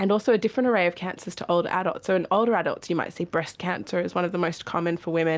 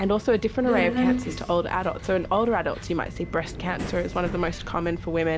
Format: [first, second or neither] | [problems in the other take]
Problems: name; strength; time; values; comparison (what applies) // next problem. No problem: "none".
first | background sound (Subway, metro, underground); 6 dB below the speech